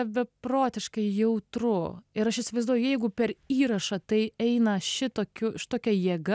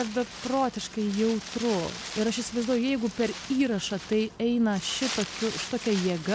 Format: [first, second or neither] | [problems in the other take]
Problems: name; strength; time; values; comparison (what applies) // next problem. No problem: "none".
first | background sound (Wind); 11 dB below the speech